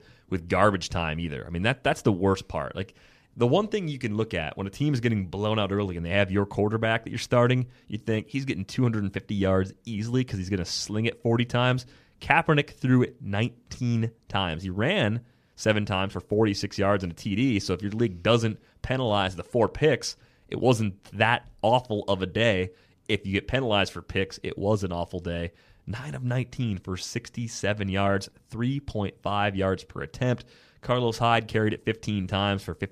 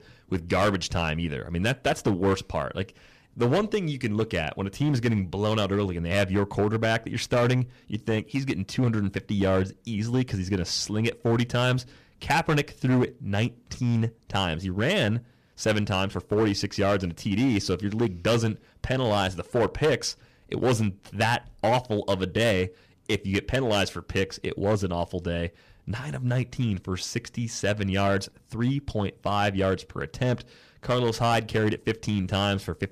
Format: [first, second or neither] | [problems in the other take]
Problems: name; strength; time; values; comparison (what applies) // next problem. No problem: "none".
first | distortion; slight; 6% of the sound clipped